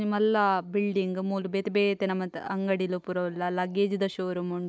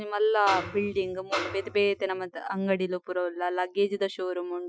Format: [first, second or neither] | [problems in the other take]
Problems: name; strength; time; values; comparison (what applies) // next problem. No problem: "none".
first | noise reduction (classical method Wiener filter)